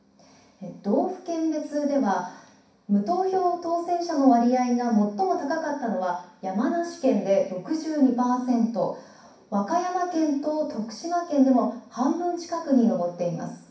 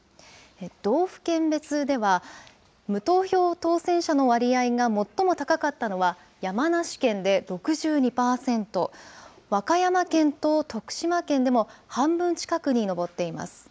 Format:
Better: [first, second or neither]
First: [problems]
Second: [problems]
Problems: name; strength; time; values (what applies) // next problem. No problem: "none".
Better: second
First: room echo; dies away in 0.6 s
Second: none